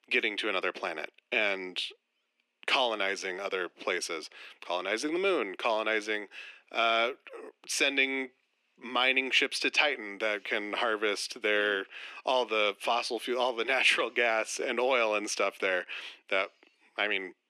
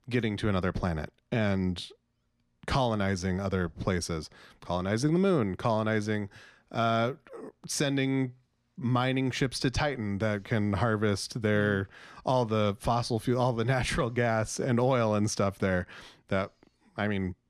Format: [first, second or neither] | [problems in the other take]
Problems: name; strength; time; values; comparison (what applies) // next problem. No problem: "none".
second | thin; very; fading below 300 Hz